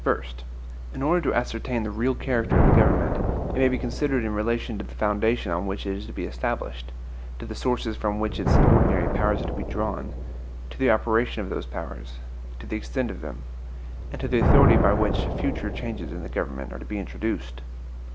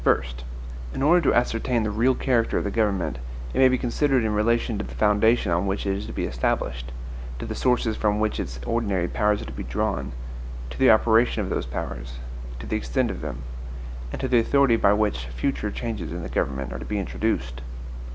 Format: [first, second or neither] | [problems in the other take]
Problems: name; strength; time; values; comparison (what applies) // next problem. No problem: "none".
second | background sound (Thunder); as loud as the speech